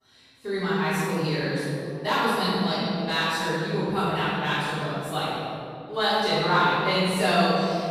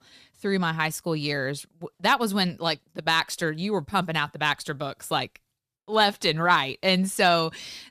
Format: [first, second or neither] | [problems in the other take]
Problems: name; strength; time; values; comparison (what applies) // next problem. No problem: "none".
second | off-mic speech; far // room echo; strong; dies away in 2.7 s